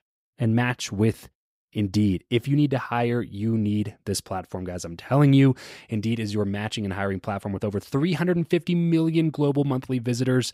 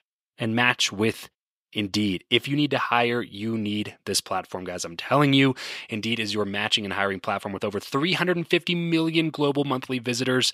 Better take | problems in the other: first | thin; somewhat; fading below 800 Hz

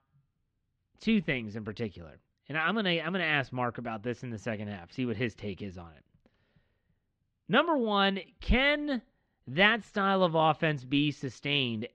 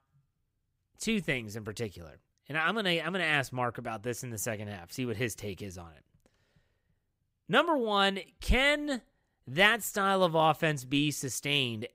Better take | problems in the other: second | muffled; slightly; fading above 4 kHz

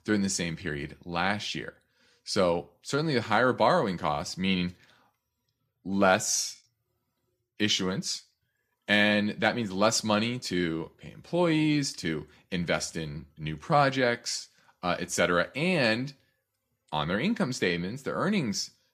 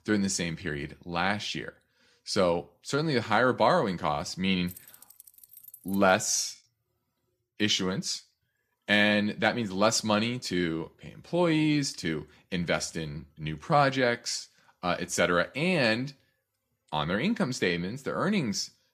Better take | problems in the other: first | jangling keys; faint; from 4.5 to 6 s; peak 20 dB below the speech

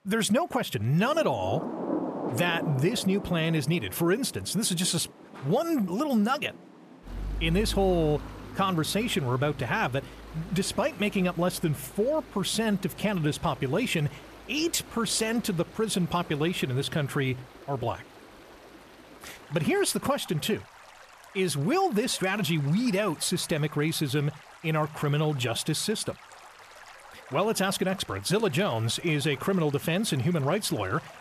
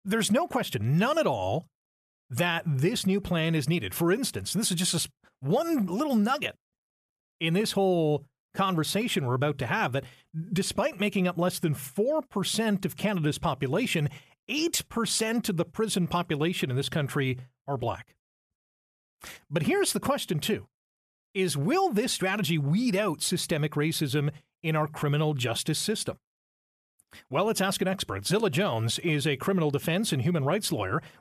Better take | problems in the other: second | rain or running water; noticeable; throughout; 15 dB below the speech

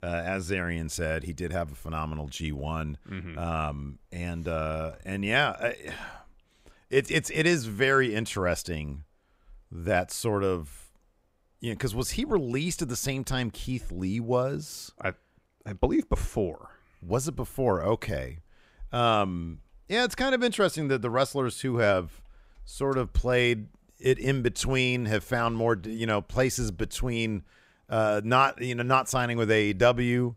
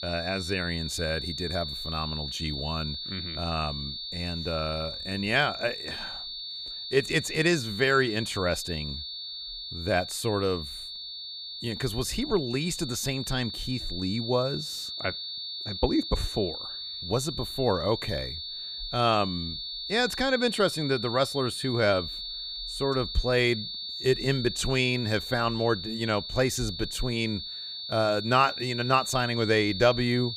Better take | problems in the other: first | high-pitched whine; loud; throughout; 4.5 kHz, 6 dB below the speech

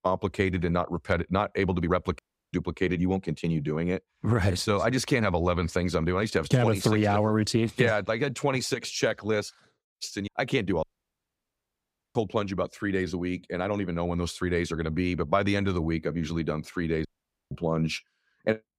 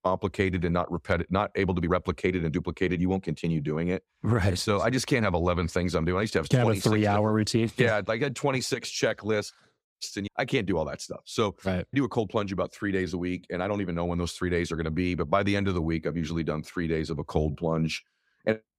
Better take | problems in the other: second | audio cutting out; at 2 s, at 11 s for 1.5 s and at 17 s

